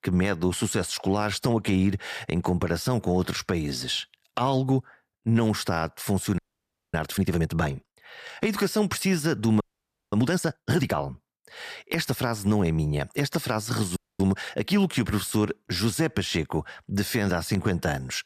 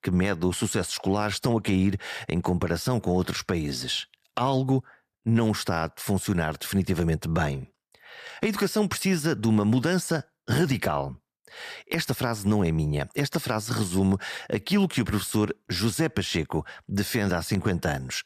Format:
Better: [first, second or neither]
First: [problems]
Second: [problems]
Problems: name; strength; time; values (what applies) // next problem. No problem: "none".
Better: second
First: audio freezing; at 6.5 s for 0.5 s, at 9.5 s for 0.5 s and at 14 s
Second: none